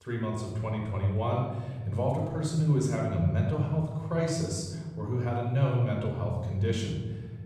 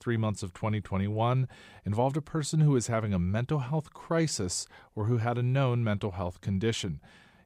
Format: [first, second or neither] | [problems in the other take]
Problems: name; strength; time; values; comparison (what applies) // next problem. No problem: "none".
second | off-mic speech; somewhat distant // room echo; noticeable; dies away in 1.8 s